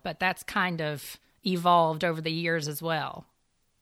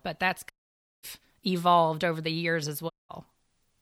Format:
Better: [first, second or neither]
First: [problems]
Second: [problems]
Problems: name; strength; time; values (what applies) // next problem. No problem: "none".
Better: first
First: none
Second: audio cutting out; at 0.5 s for 0.5 s and at 3 s